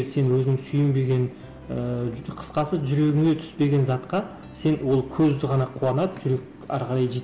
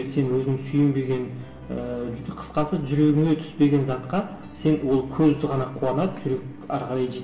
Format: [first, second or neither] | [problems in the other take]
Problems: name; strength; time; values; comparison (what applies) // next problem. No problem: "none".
first | room echo; dies away in 1 s